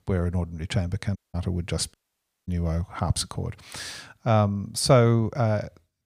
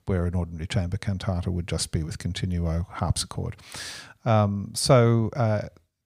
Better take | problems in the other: second | audio cutting out; at 1 s and at 2 s for 0.5 s

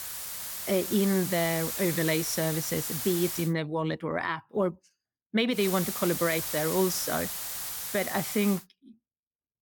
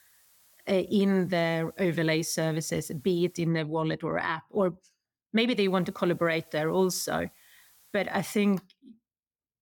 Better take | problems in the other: second | hiss; loud; until 3.5 s and from 5.5 to 8.5 s; 4 dB below the speech; faint in the second

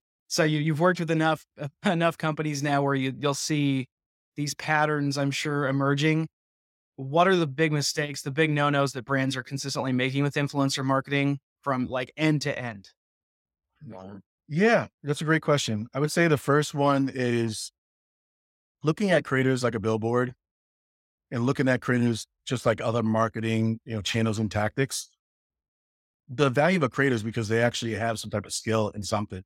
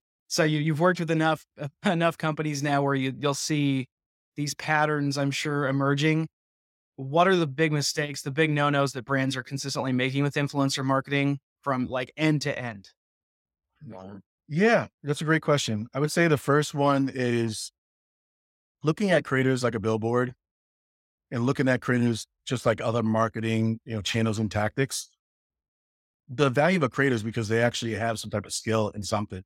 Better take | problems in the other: neither | none

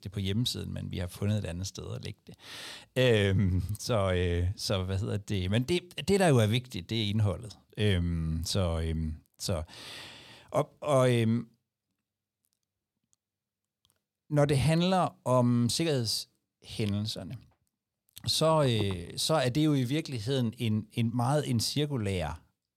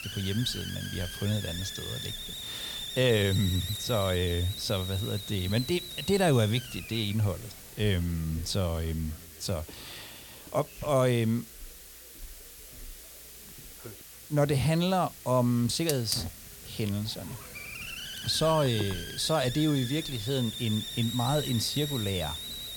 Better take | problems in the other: first | hiss; loud; throughout; 9 dB below the speech

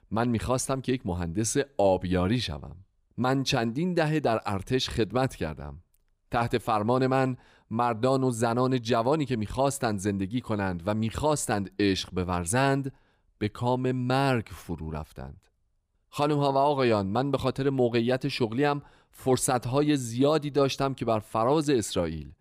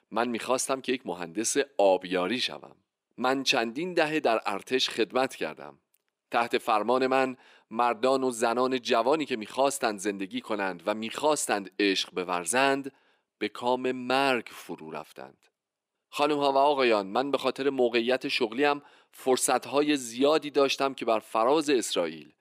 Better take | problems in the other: first | thin; very slightly; fading below 300 Hz

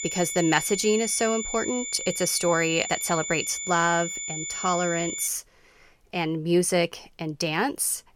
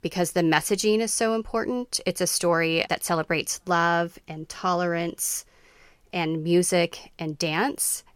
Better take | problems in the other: second | high-pitched whine; loud; until 5.5 s; 7 kHz, 5 dB below the speech

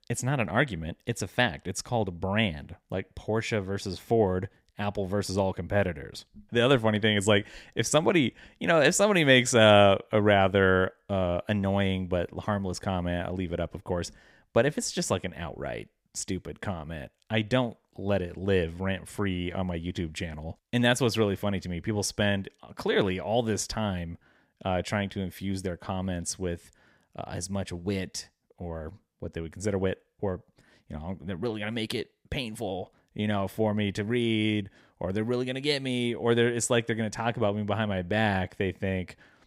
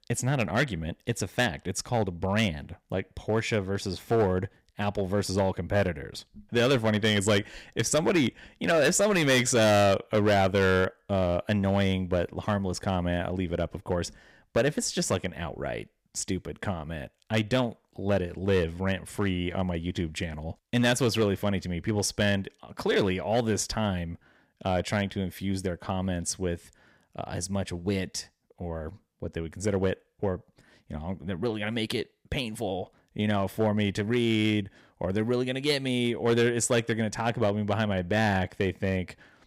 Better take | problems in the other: first | distortion; slight; 4% of the sound clipped

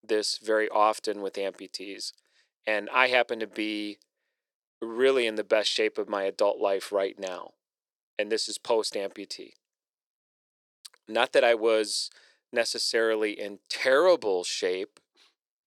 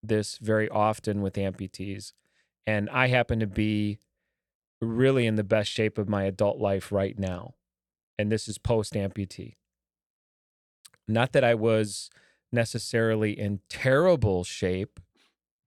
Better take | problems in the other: second | thin; very; fading below 350 Hz

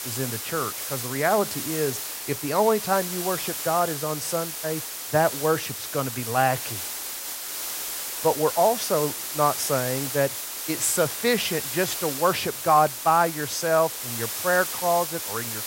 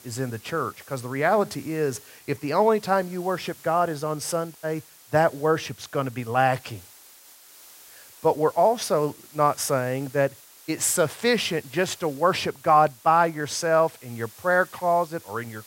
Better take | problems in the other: second | hiss; loud; throughout; 5 dB below the speech; faint in the second

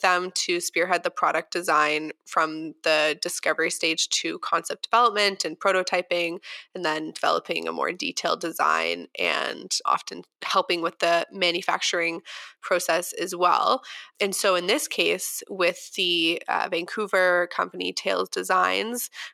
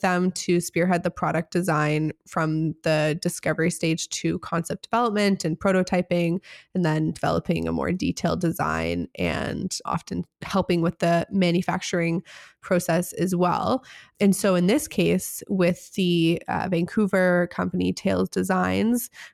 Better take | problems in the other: second | thin; very; fading below 350 Hz

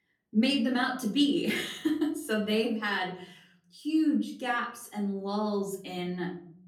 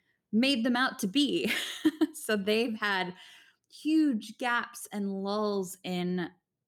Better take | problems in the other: second | room echo; slight; dies away in 0.6 s // off-mic speech; far

